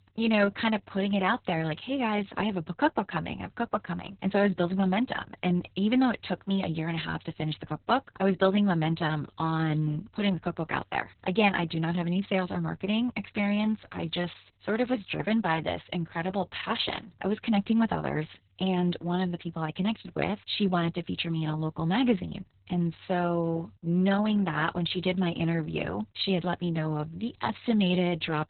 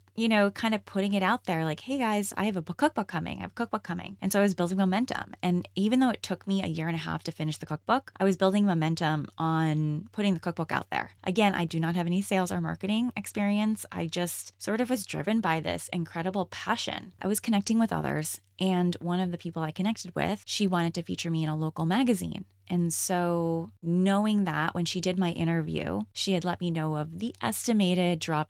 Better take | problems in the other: second | garbled, watery; badly; nothing above 4 kHz; slightly in the second

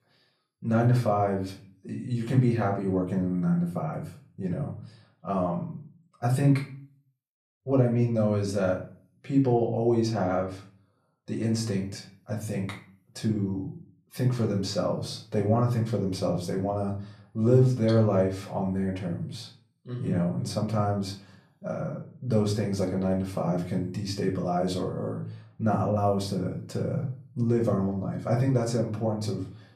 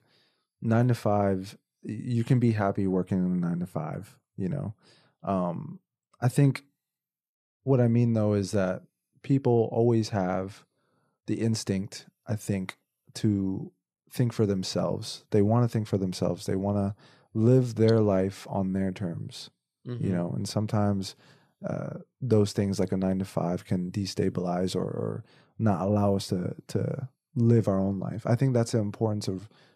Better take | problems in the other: second | off-mic speech; far // room echo; slight; dies away in 0.4 s

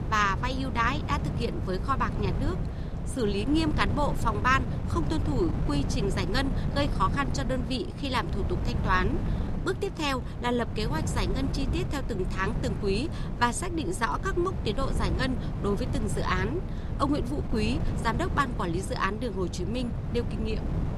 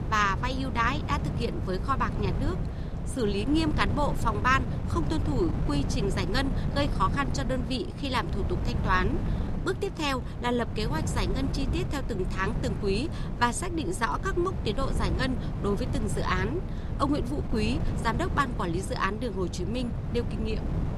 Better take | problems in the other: neither | wind noise on the microphone; occasional gusts; 10 dB below the speech; the same in both

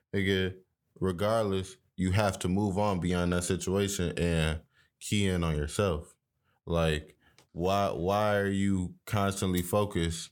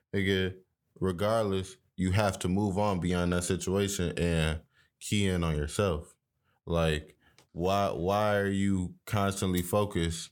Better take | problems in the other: neither | none

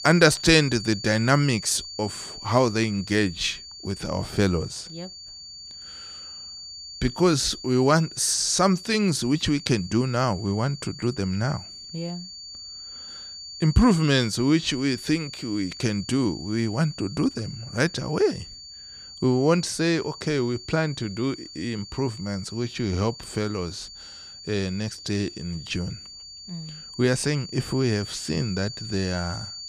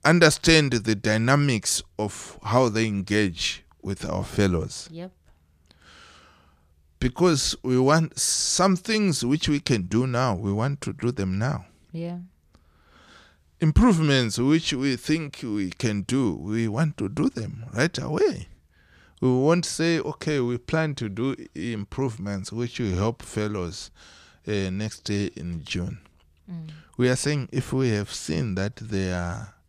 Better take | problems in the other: second | high-pitched whine; noticeable; throughout; 4.5 kHz, 15 dB below the speech

